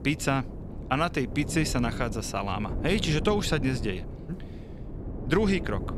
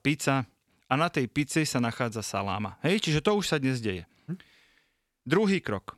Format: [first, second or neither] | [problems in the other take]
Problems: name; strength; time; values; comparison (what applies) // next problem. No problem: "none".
second | wind noise on the microphone; occasional gusts; 15 dB below the speech